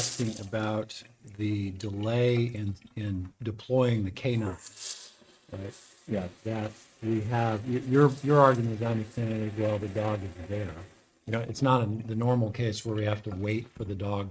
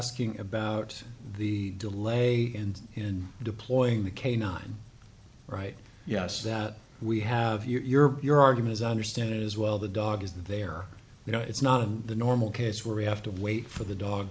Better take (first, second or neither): second